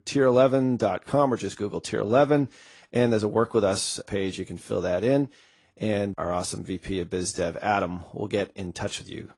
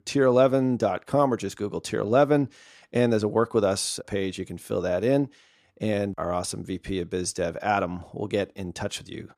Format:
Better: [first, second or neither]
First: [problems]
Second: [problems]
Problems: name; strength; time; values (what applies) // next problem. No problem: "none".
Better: second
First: garbled, watery; slightly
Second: none